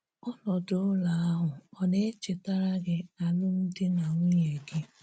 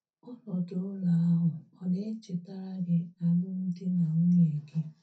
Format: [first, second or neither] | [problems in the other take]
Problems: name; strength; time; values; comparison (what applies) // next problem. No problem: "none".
first | room echo; dies away in 0.3 s